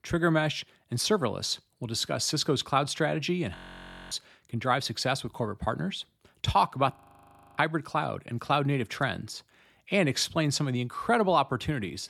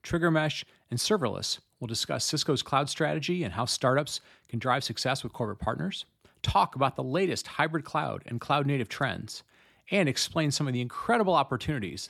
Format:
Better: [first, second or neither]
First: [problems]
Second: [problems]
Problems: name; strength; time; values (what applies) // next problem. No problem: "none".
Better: second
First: audio freezing; at 3.5 s for 0.5 s and at 7 s for 0.5 s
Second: none